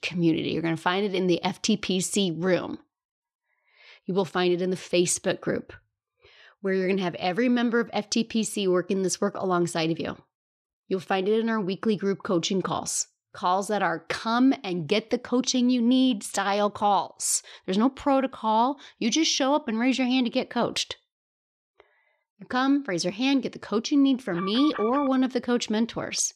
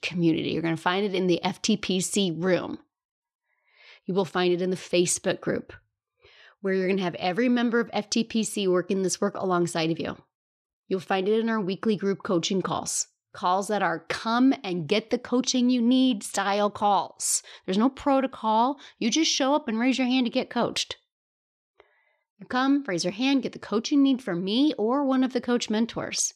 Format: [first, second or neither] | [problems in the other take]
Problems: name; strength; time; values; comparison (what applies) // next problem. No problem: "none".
second | alarm; noticeable; at 24 s; peak 9 dB below the speech